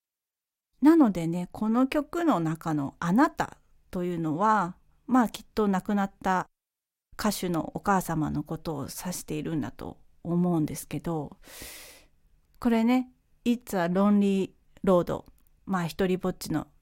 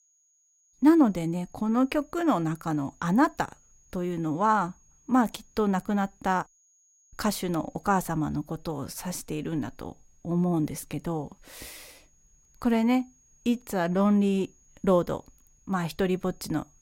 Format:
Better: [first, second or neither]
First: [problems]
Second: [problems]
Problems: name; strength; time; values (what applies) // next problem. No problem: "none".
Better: first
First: none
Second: high-pitched whine; faint; throughout; 6.5 kHz, 35 dB below the speech